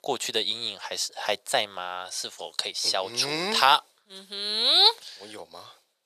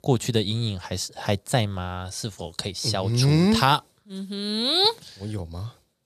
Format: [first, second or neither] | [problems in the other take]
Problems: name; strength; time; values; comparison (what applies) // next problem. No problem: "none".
second | thin; very; fading below 650 Hz